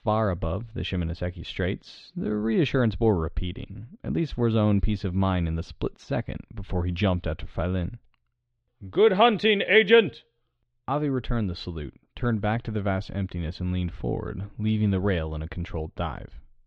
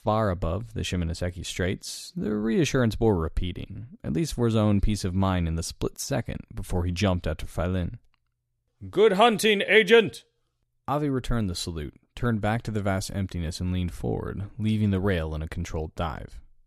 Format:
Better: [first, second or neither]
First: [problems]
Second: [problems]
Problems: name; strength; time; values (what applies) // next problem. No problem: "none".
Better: second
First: muffled; slightly; fading above 3.5 kHz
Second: none